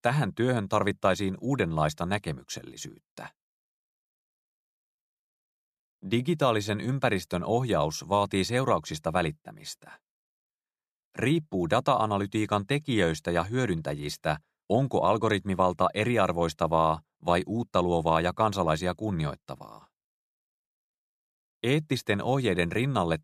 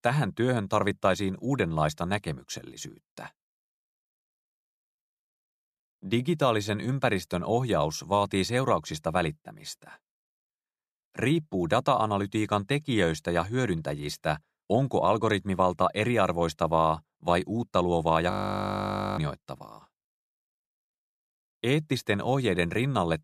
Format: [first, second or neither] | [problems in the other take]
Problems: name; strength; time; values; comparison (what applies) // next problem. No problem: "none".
first | audio freezing; at 18 s for 1 s